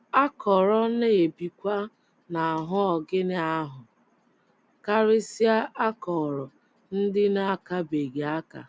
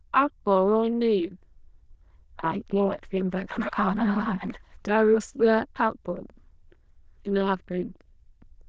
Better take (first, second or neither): first